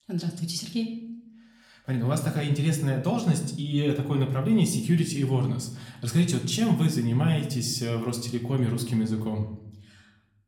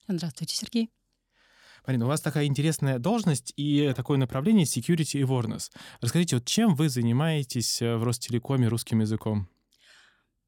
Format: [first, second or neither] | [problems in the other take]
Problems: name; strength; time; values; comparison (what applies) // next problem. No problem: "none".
second | room echo; slight; dies away in 0.6 s // off-mic speech; somewhat distant